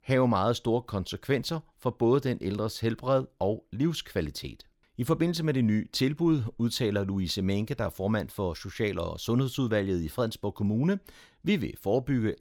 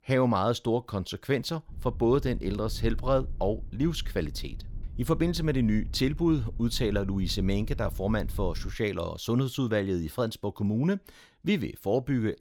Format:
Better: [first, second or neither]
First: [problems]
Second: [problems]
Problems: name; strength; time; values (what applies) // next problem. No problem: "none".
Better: first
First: none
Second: low rumble; faint; from 1.5 to 8.5 s; 25 dB below the speech